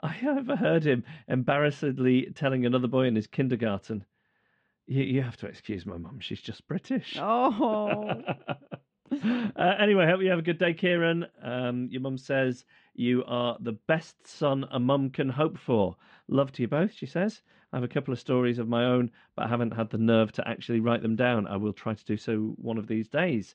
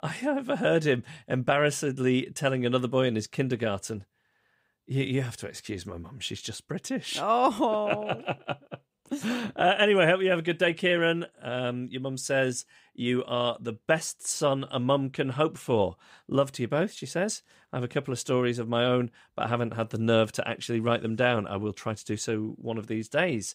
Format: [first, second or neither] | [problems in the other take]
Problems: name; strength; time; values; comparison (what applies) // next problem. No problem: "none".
second | muffled; slightly; fading above 3.5 kHz